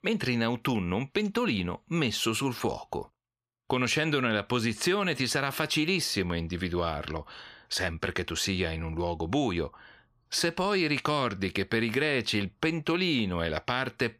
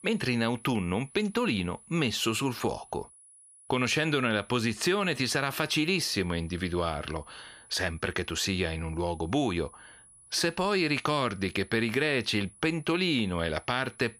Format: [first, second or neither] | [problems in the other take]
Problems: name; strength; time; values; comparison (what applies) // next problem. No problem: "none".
first | high-pitched whine; faint; throughout; 10 kHz, 25 dB below the speech